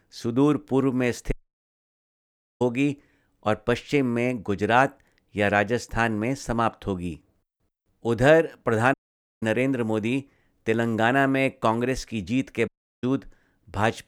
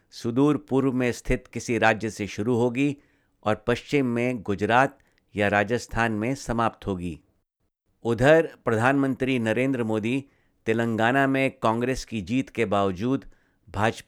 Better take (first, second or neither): second